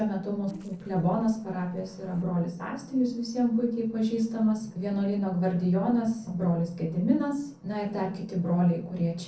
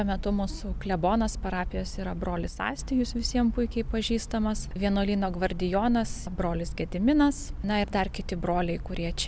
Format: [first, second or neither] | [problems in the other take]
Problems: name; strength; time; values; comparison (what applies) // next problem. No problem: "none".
second | noise reduction (neural separator model SepFormer DNS4)